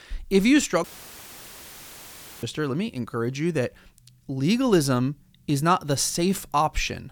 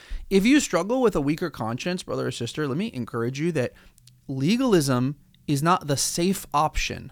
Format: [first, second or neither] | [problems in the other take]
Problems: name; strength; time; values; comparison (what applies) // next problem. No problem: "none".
second | audio cutting out; filled with static; at 1 s for 1.5 s